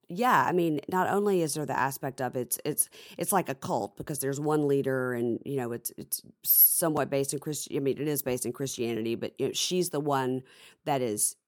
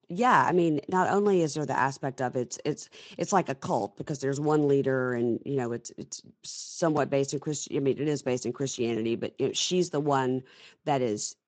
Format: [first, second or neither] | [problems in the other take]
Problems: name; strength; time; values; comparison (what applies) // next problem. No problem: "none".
first | garbled, watery; slightly; nothing above 7.5 kHz